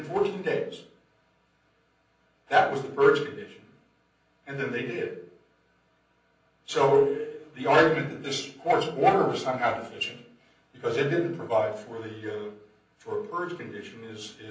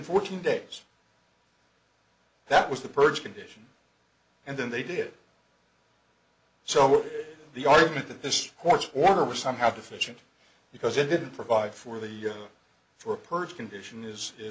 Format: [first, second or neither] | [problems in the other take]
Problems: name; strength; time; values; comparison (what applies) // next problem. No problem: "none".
second | room echo; dies away in 0.6 s